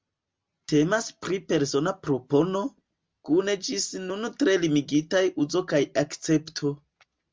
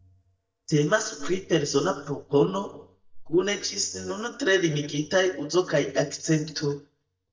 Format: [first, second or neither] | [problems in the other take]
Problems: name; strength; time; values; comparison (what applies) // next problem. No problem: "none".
first | noise reduction (neural mask model DeepFilterNet 3)